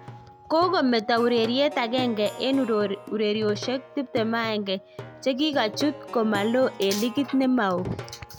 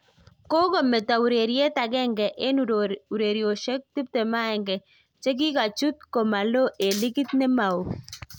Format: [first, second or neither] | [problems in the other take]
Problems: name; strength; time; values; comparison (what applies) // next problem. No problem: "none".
second | background sound (Plucked string instrument); 15 dB below the speech